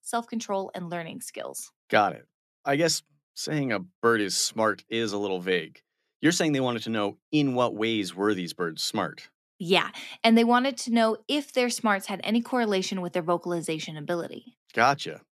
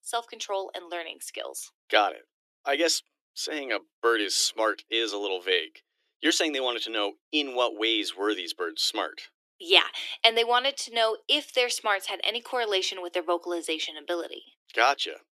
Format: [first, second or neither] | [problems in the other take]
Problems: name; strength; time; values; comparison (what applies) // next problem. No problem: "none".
first | thin; very; fading below 300 Hz